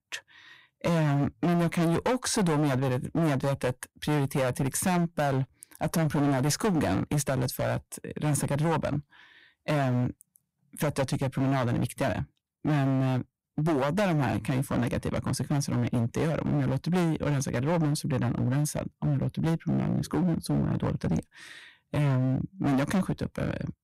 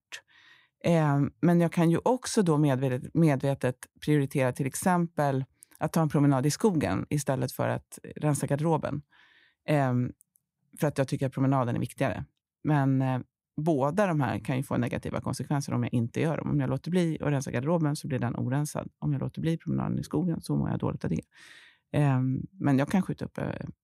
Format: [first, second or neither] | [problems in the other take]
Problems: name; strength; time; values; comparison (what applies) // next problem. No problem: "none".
second | distortion; heavy; 18% of the sound clipped